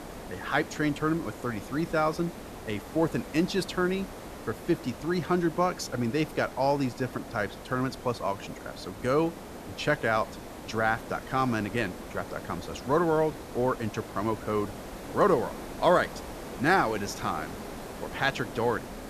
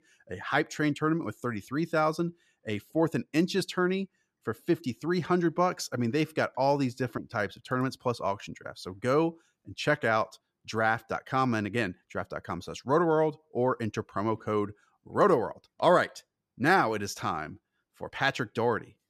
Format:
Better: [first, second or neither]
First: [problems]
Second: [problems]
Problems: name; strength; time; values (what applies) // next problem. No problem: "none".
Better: second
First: hiss; noticeable; throughout; 10 dB below the speech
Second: none